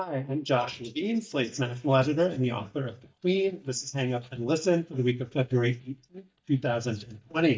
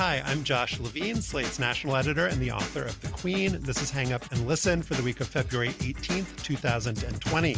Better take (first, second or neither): second